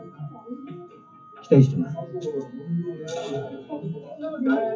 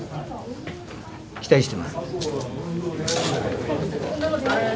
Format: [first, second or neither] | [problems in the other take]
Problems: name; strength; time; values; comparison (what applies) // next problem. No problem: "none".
second | noise reduction (classical method WPE with log-MMSE)